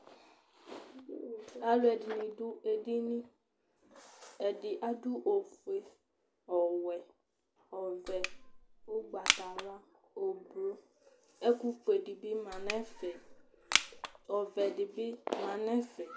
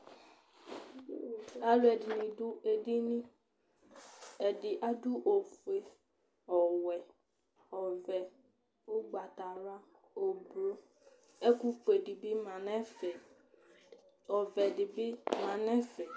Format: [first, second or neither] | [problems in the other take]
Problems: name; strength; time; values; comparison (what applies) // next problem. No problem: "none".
second | background sound (Crushing); 1 dB below the speech